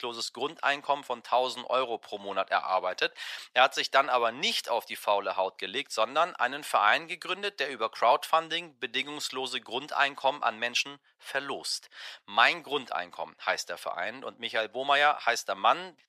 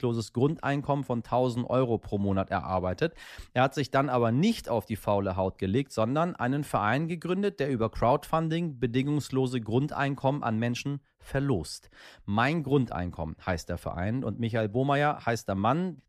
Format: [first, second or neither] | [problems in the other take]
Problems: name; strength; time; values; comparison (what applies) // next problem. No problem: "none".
second | thin; very; fading below 800 Hz